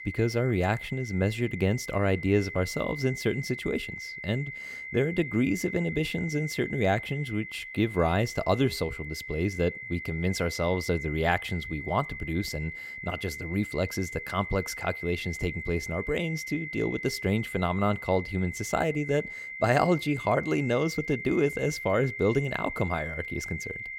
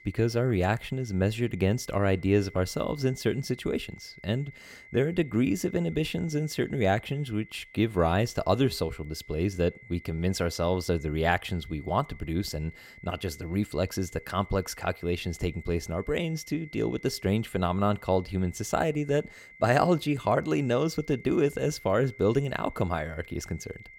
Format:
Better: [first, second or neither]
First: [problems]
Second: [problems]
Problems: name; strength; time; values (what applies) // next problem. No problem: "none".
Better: second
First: high-pitched whine; loud; throughout; 2 kHz, 8 dB below the speech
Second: high-pitched whine; faint; throughout; 2 kHz, 20 dB below the speech